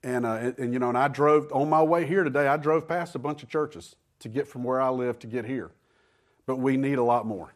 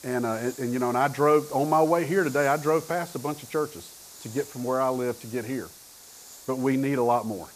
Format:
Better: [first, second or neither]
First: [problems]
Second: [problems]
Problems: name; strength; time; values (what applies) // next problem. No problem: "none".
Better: first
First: none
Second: hiss; noticeable; throughout; 15 dB below the speech